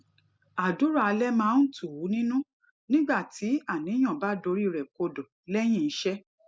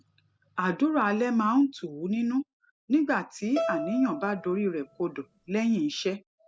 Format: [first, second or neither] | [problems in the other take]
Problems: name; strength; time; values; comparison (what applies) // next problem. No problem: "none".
first | background sound (Bowed string instrument); 8 dB below the speech